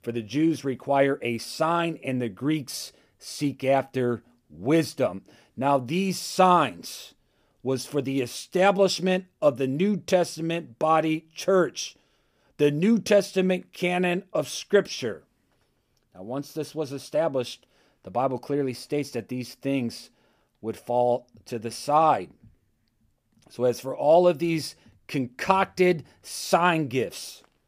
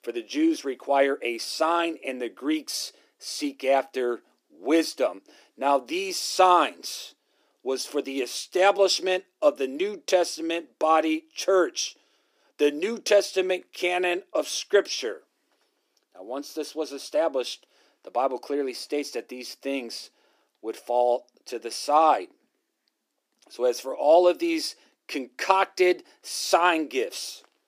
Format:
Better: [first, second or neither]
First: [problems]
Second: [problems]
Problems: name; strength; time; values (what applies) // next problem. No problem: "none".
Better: first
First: none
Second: thin; somewhat; fading below 300 Hz